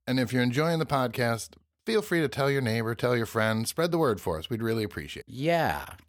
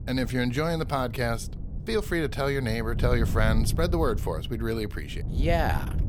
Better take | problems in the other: first | wind noise on the microphone; occasional gusts; 15 dB below the speech

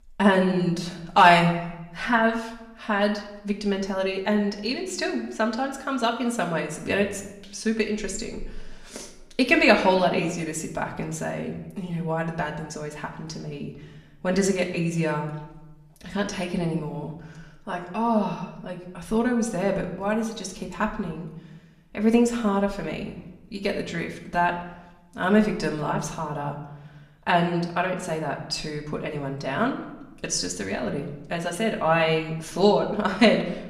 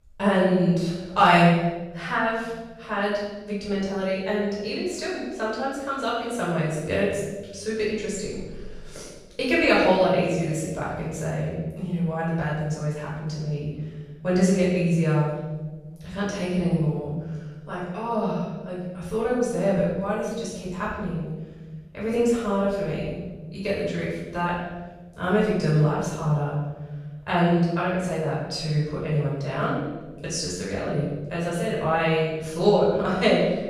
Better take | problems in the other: first | room echo; strong; dies away in 1.2 s; slight in the first // off-mic speech; far; far in the first

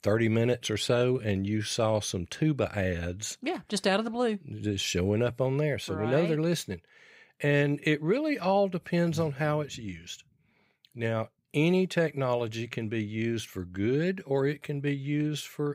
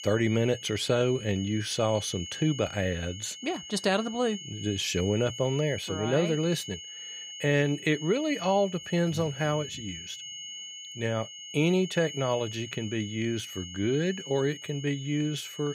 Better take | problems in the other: first | high-pitched whine; noticeable; throughout; 3 kHz, 10 dB below the speech

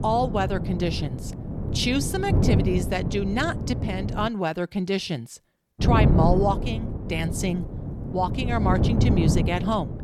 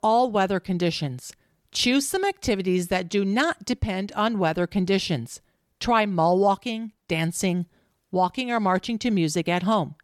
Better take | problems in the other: second | wind noise on the microphone; heavy; until 4.5 s and from 6 s on; 7 dB below the speech

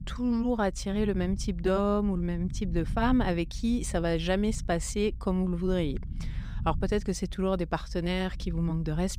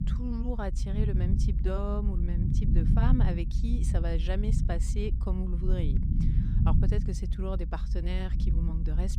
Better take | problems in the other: first | low rumble; loud; throughout; 4 dB below the speech; faint in the first

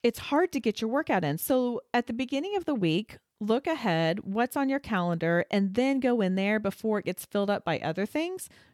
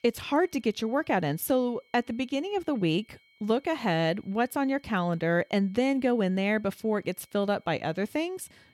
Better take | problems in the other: first | high-pitched whine; faint; throughout; 2 kHz, 35 dB below the speech

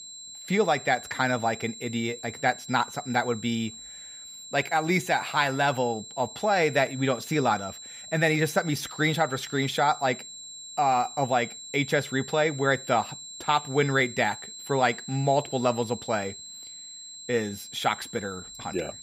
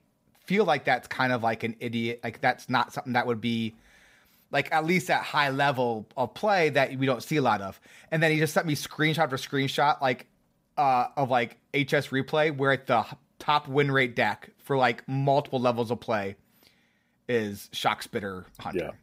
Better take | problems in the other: second | high-pitched whine; noticeable; throughout; 4 kHz, 15 dB below the speech

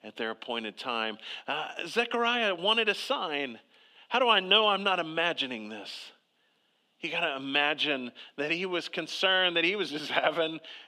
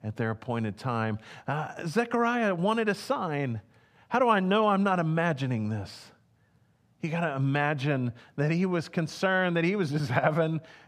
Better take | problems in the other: second | thin; somewhat; fading below 250 Hz

